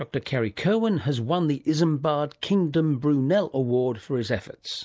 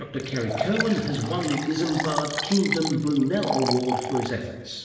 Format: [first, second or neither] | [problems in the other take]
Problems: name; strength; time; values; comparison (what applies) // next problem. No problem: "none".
first | background sound (Liquid); 6 dB below the speech // room echo; dies away in 1 s